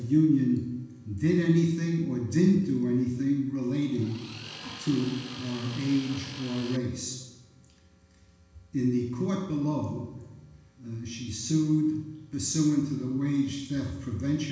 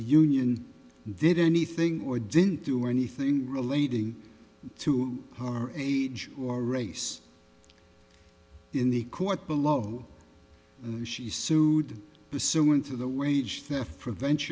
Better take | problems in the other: second | background sound (Tools); 15 dB below the speech // room echo; dies away in 1.1 s

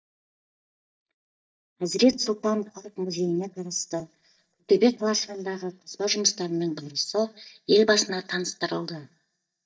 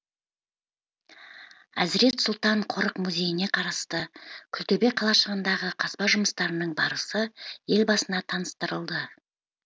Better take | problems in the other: second | noise reduction (neural mask model DeepFilterNet 3)

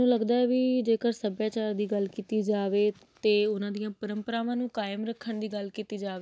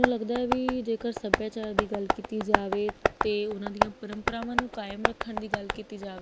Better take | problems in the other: first | background sound (Tap); 2 dB above the speech

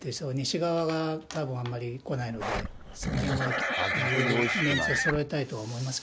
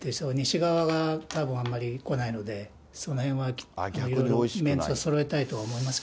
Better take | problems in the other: second | background sound (Livestock, farm animals, working animals); 1 dB above the speech

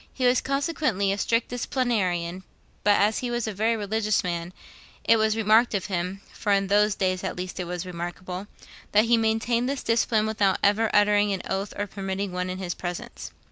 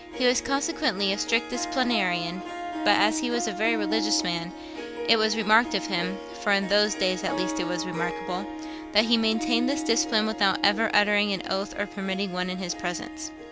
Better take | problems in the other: first | background sound (Harp); 7 dB below the speech

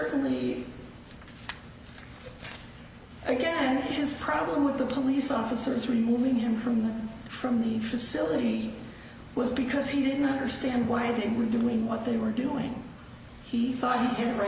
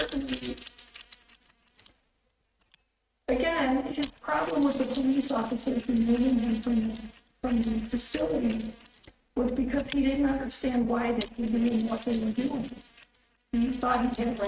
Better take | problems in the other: first | noise reduction (neural mask model RNNoise)

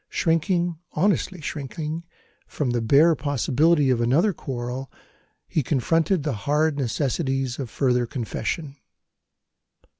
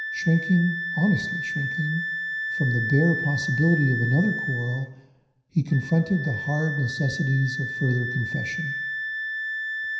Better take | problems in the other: first | background sound (Wind instrument, woodwind instrument); 5 dB below the speech // room echo; dies away in 0.9 s

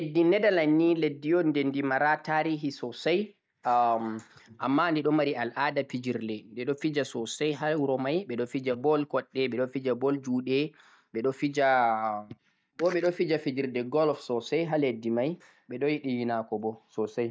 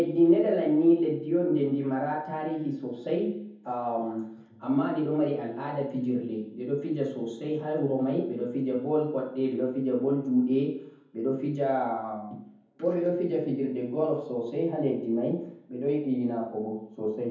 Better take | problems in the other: first | room echo; dies away in 0.7 s

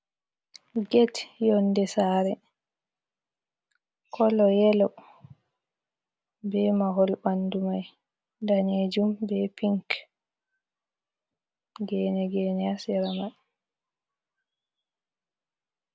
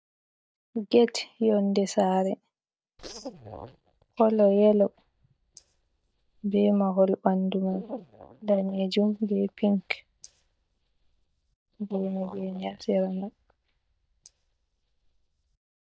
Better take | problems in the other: first | noise reduction (neural mask model DeepFilterNet 3)

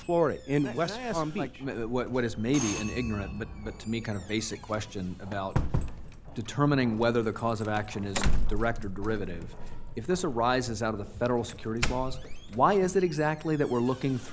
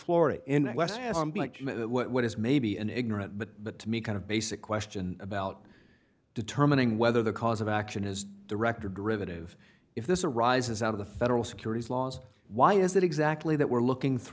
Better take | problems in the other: second | background sound (Doorbell); 4 dB below the speech

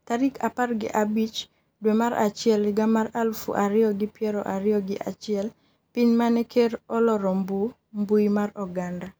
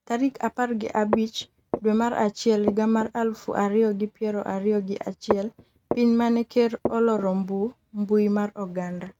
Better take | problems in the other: first | noise reduction (neural mask model RNNoise)

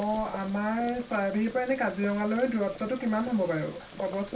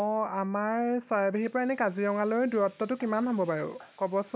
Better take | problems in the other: second | background sound (Boiling); 15 dB below the speech // room echo; dies away in 0.2 s

